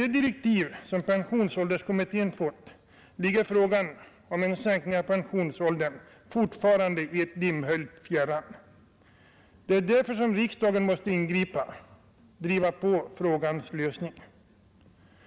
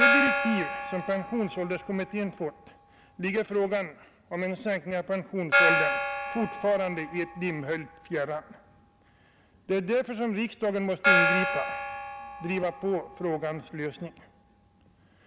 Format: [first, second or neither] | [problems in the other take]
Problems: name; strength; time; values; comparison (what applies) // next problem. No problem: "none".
first | background sound (Gong); as loud as the speech